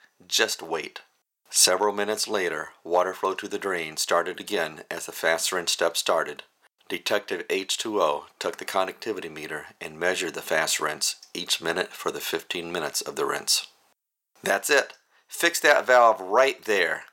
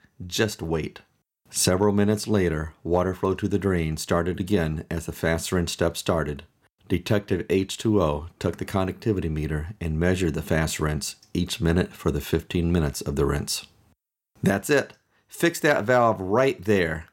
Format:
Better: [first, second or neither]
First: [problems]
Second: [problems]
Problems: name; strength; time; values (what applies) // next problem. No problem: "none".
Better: second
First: thin; very; fading below 700 Hz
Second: none